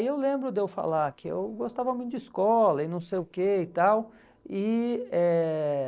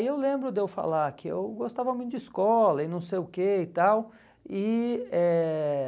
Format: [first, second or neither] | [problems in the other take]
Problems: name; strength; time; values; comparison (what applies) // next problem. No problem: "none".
second | noise reduction (neural separator model SepFormer DNS4)